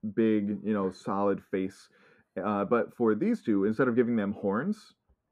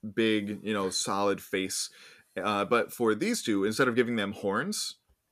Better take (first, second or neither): second